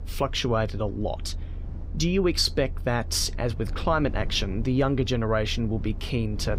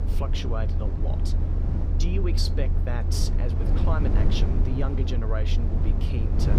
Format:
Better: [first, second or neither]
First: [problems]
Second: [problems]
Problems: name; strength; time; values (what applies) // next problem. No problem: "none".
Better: first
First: low rumble; faint; throughout; 20 dB below the speech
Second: low rumble; loud; throughout; 3 dB below the speech